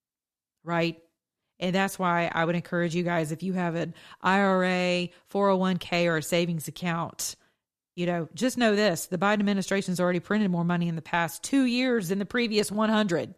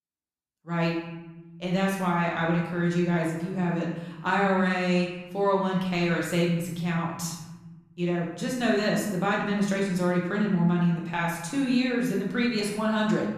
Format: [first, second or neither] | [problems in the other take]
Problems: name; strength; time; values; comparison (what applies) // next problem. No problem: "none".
first | room echo; noticeable; dies away in 1.2 s // off-mic speech; far